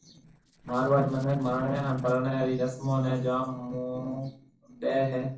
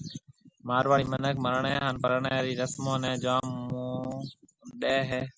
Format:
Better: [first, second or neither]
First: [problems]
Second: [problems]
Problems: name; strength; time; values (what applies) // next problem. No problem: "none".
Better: second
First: noise reduction (neural separator model SepFormer DNS4)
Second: none